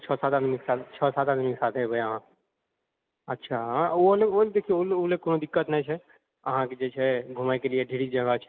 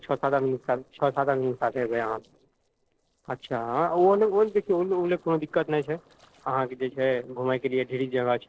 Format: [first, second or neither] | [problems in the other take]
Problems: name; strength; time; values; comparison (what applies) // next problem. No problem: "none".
first | noise reduction (neural separator model SepFormer DNS4)